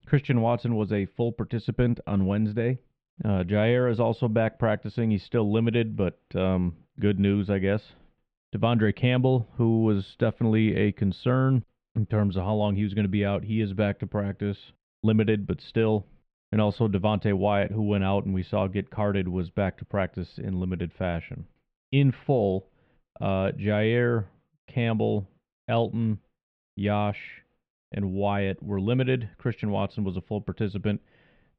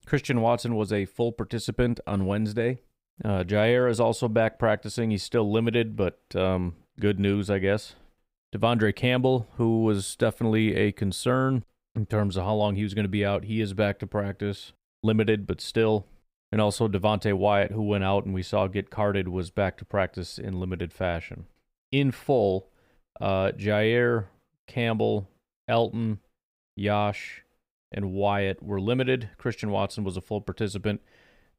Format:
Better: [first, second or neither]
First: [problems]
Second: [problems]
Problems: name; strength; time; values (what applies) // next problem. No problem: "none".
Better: second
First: muffled; slightly; fading above 3 kHz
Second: none